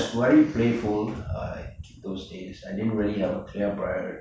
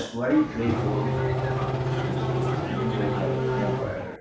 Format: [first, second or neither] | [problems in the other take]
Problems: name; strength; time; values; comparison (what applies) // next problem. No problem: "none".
first | background sound (Race car, auto racing / Engine starting); 3 dB above the speech